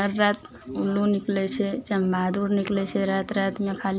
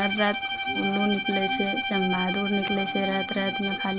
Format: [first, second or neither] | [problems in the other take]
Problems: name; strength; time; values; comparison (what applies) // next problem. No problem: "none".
first | background sound (Bowed string instrument); 2 dB below the speech